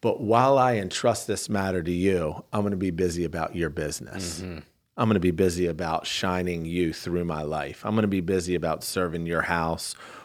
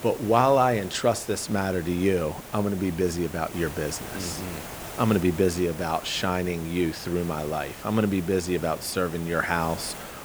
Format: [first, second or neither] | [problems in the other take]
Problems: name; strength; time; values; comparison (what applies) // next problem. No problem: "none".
first | hiss; noticeable; throughout; 15 dB below the speech